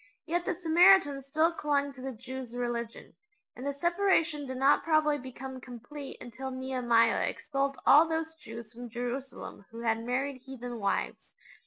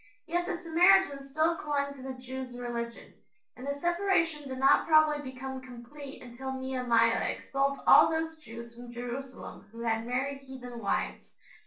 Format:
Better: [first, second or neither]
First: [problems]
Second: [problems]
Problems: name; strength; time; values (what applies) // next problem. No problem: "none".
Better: first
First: none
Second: room echo; dies away in 0.3 s